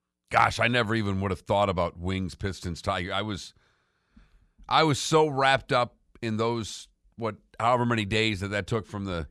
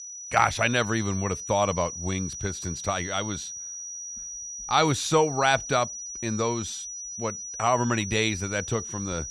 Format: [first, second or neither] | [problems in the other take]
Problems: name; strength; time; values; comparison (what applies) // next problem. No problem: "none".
first | high-pitched whine; loud; throughout; 6 kHz, 8 dB below the speech